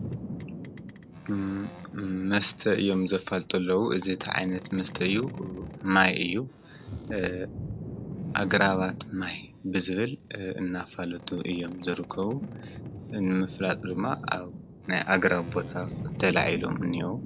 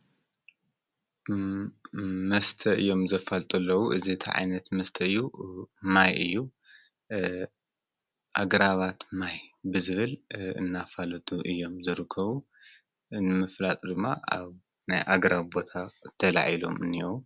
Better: second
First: background sound (Boat, Water vehicle); 10 dB below the speech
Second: none

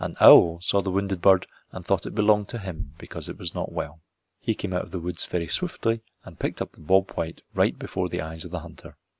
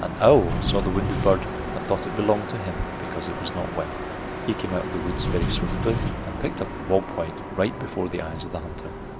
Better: first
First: none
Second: background sound (Truck + Wind); 3 dB below the speech

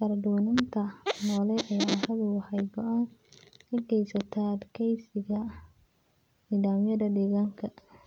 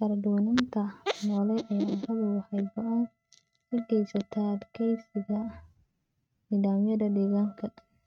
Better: first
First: none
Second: noise reduction (neural mask model RNNoise)

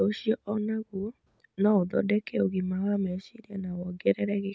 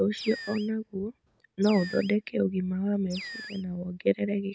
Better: first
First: none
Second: background sound (Animal); 16 dB below the speech

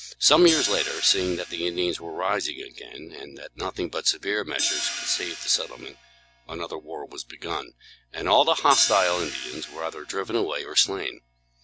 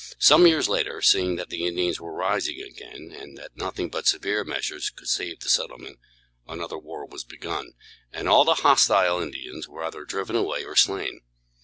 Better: second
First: background sound (Hi-hat); 10 dB below the speech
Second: none

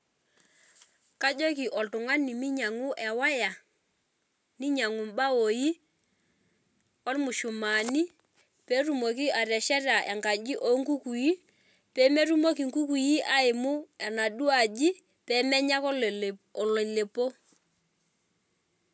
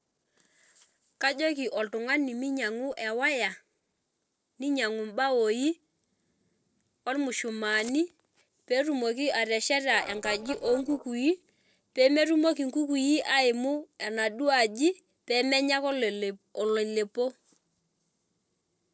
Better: first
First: none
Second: noise reduction (neural separator model SepFormer DNS4)

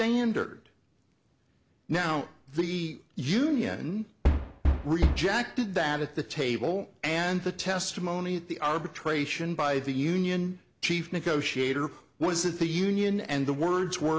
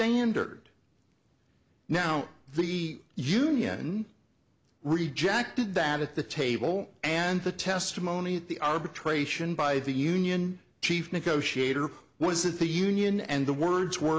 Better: second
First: background sound (Knock); 3 dB above the speech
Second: none

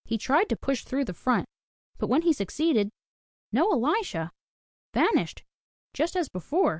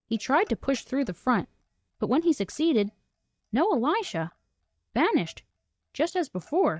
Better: first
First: none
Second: noise reduction (neural mask model DeepFilterNet 3)

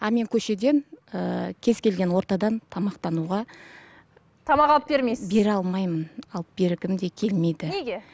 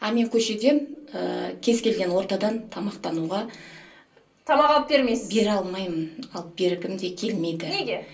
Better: first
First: none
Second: room echo; dies away in 0.3 s

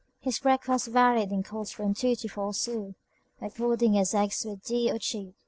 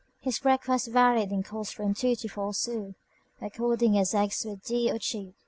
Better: second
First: noise reduction (neural separator model SepFormer DNS4)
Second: none

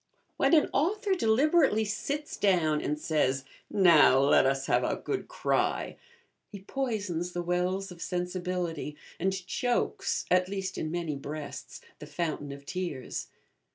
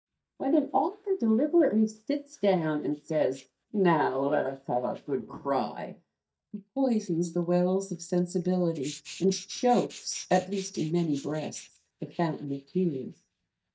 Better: first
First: none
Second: noise reduction (neural mask model DeepFilterNet 3)

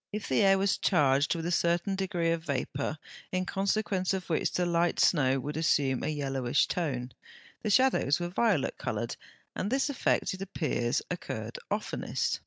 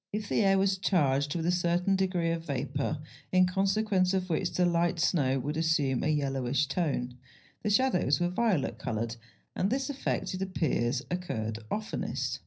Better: first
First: none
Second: room echo; dies away in 0.5 s

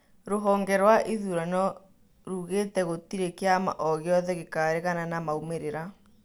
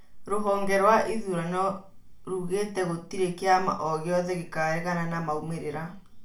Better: first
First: none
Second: room echo; dies away in 0.3 s

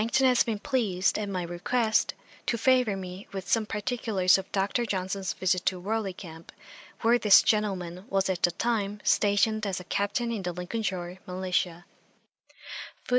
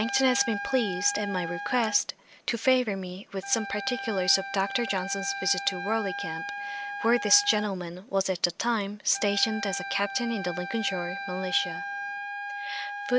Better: first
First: none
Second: background sound (Wind instrument, woodwind instrument); 7 dB below the speech

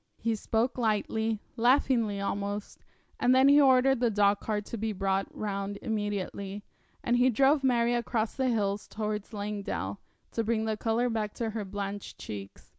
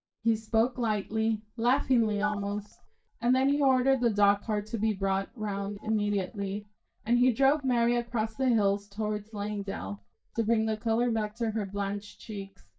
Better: first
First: none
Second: noise reduction (neural mask model DeepFilterNet 3)

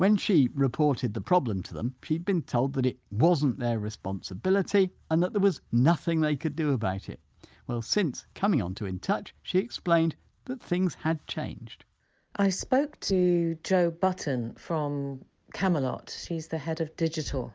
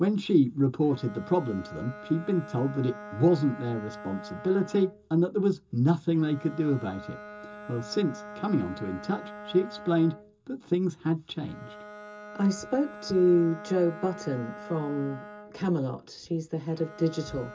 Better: first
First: none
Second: background sound (Bowed string instrument); 16 dB below the speech // room echo; dies away in 0.2 s

